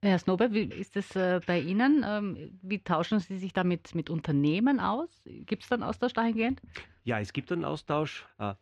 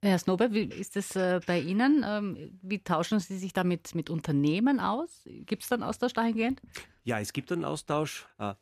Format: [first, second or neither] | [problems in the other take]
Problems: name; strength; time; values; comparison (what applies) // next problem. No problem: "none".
second | muffled; very slightly; fading above 3.5 kHz